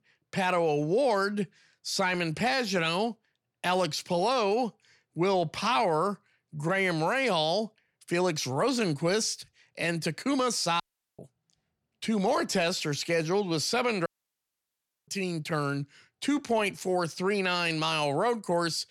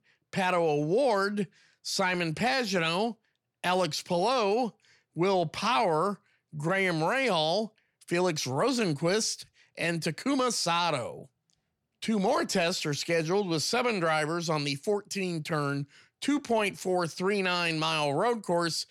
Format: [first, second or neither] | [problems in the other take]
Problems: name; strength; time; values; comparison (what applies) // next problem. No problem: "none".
second | audio cutting out; at 11 s and at 14 s for 1 s